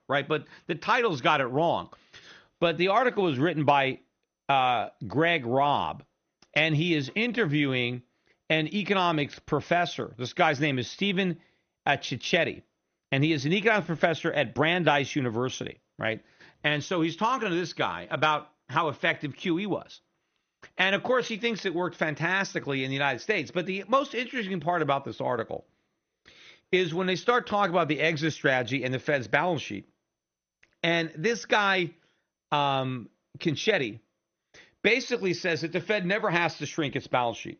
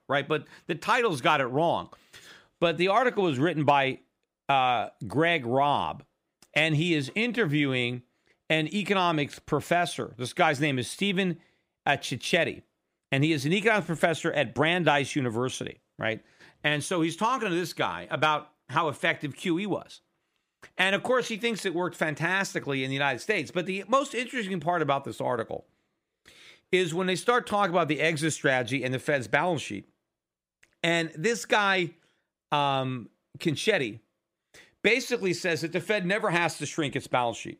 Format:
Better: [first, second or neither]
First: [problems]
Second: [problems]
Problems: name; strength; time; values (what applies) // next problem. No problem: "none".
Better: second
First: garbled, watery; slightly; nothing above 6.5 kHz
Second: none